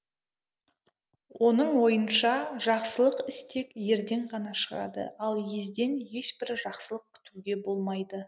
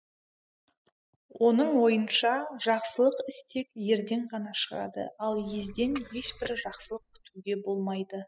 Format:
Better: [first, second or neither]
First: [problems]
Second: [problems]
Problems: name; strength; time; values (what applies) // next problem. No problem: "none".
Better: first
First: none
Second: noise reduction (classical method spectral subtraction)